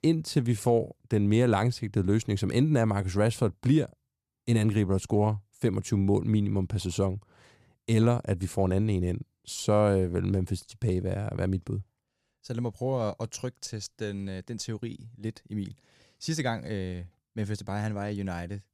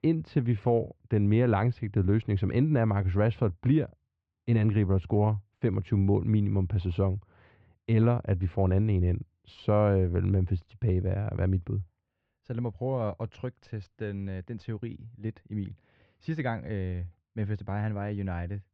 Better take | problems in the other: first | muffled; very; fading above 3 kHz

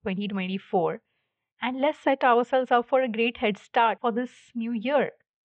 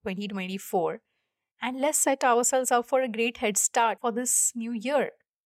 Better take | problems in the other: second | muffled; very; fading above 3.5 kHz

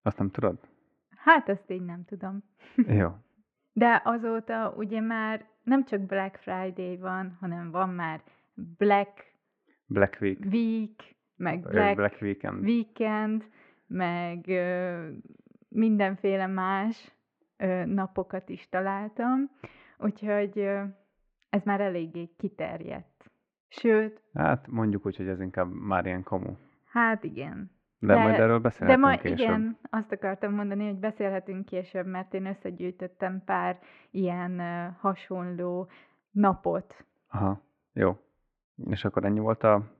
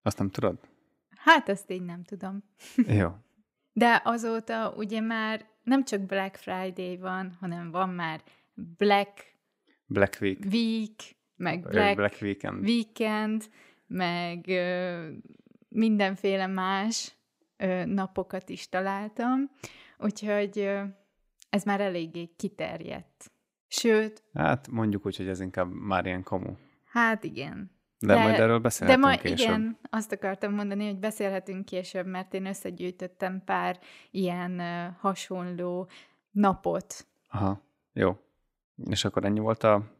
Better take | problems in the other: second | muffled; very; fading above 2 kHz

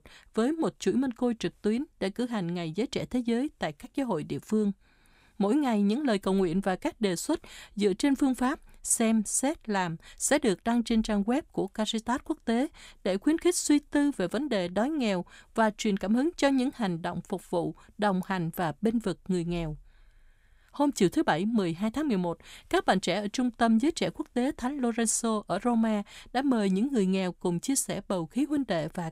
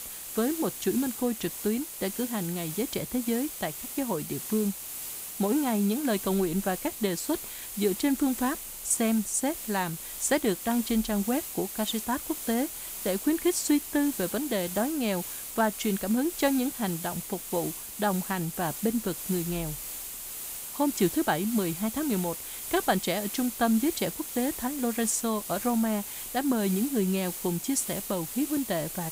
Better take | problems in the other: first | hiss; loud; throughout; 6 dB below the speech

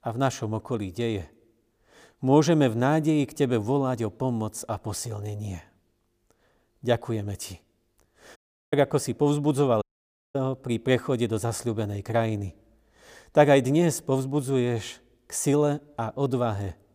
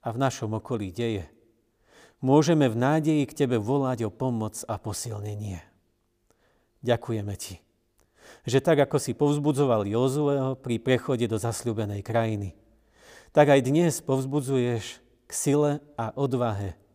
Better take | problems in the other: second | audio cutting out; at 8.5 s and at 10 s for 0.5 s

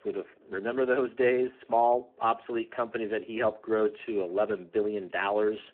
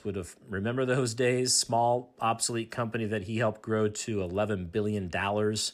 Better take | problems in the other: second | phone-call audio; poor line

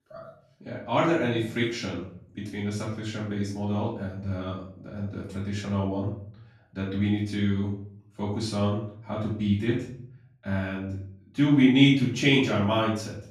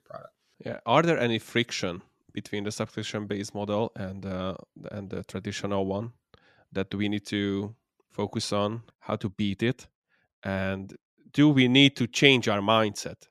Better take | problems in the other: second | off-mic speech; far // room echo; noticeable; dies away in 0.6 s

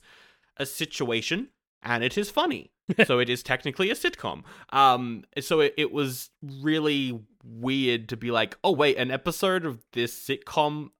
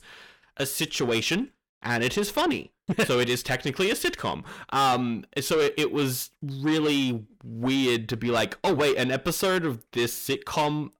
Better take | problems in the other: first | distortion; heavy; 7 dB below the speech

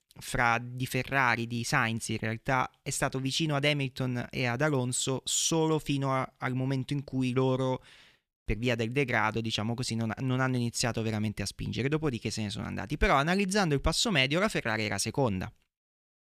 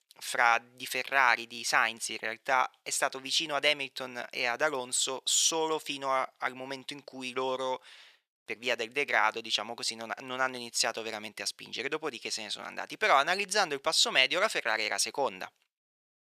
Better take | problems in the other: first | thin; very; fading below 650 Hz

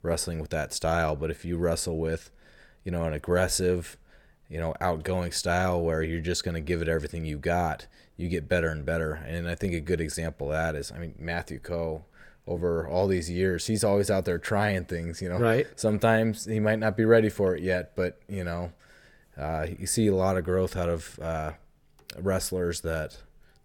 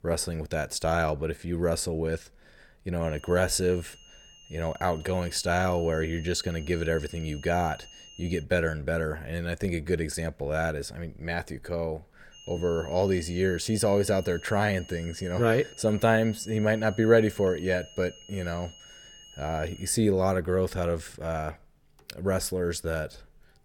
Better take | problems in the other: first | high-pitched whine; faint; from 3 to 8.5 s and from 12 to 20 s; 3 kHz, 20 dB below the speech

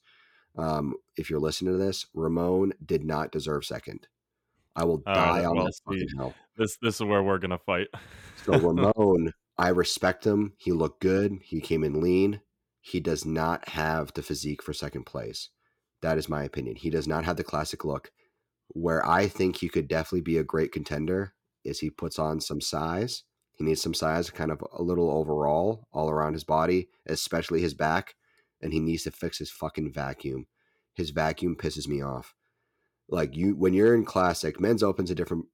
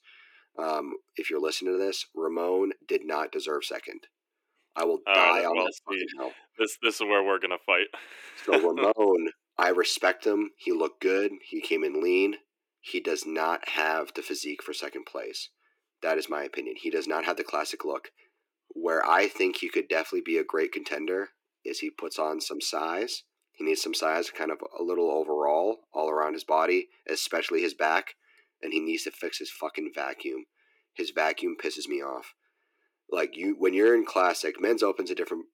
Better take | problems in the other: first | thin; somewhat; fading below 300 Hz

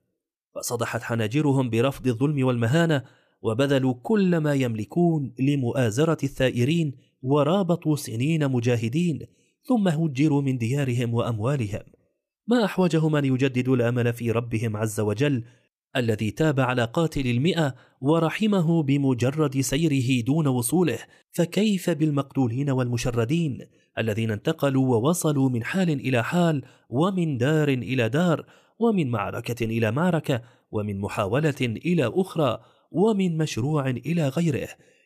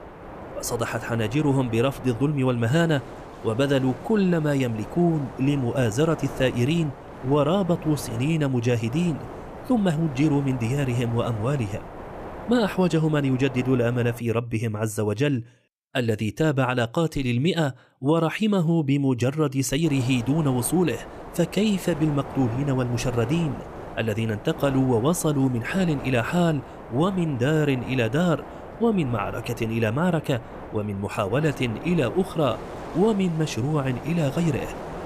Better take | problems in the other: first | wind noise on the microphone; occasional gusts; until 14 s and from 20 s on; 10 dB below the speech

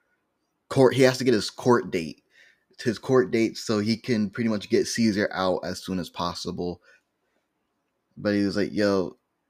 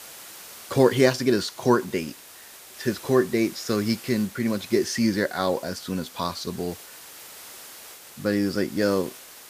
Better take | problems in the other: first | hiss; noticeable; throughout; 15 dB below the speech

